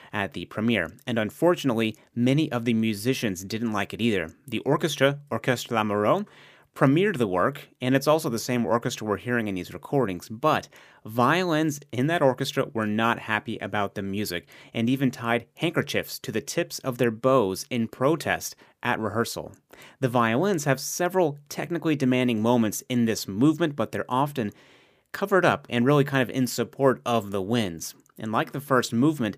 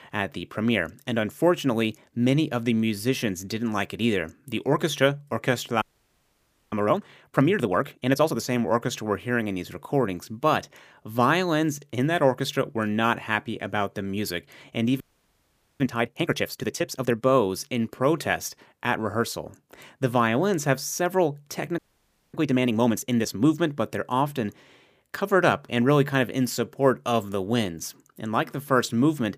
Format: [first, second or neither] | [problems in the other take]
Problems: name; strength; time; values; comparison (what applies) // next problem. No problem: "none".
first | audio freezing; at 6 s for 1 s, at 15 s for 1 s and at 22 s for 0.5 s